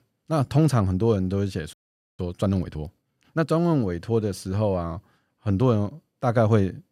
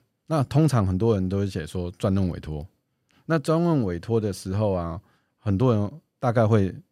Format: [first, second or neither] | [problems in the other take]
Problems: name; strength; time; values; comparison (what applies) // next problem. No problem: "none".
second | audio freezing; at 1.5 s